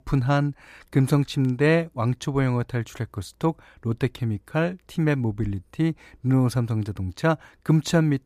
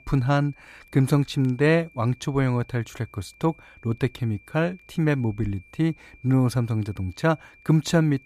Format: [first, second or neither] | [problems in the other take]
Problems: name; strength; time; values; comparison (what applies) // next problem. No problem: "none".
first | high-pitched whine; faint; throughout; 2.5 kHz, 25 dB below the speech